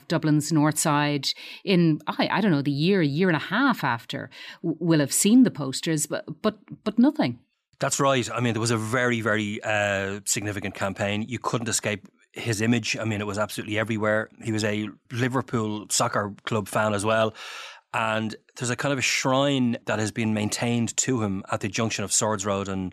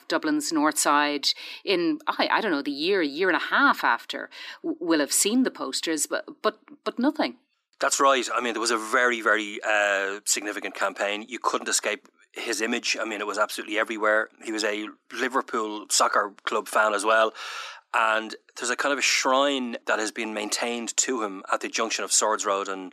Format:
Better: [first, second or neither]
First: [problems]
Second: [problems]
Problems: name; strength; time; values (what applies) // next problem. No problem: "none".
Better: first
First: none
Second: thin; somewhat; fading below 300 Hz